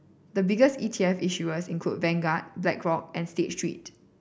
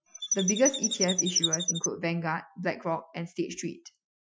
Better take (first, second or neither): first